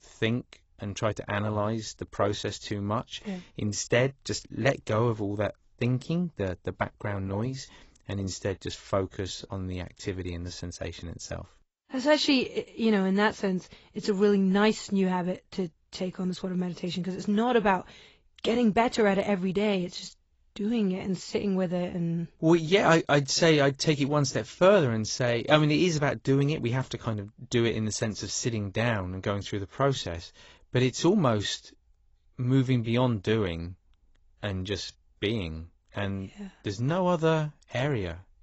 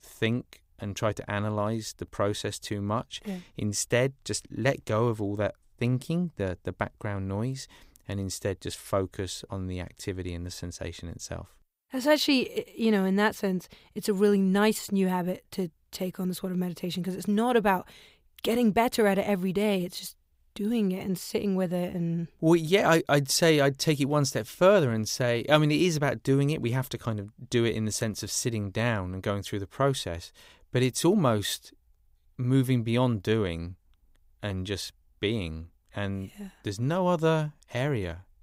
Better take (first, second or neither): second